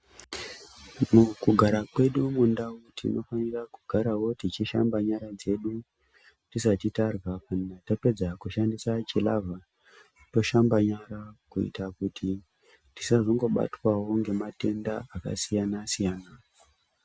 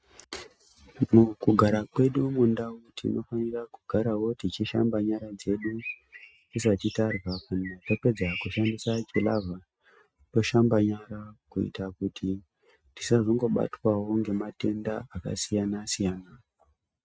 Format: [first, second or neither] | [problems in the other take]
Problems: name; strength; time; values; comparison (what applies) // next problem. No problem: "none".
first | noise reduction (neural mask model RNNoise)